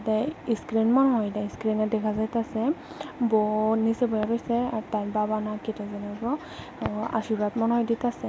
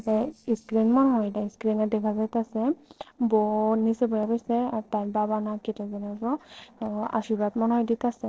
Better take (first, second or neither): first